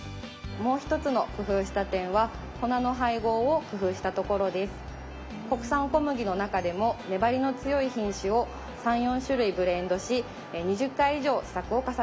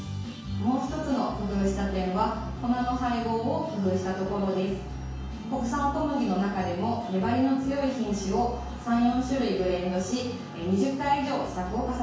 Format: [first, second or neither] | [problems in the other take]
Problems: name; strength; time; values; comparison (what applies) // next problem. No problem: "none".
first | room echo; dies away in 0.6 s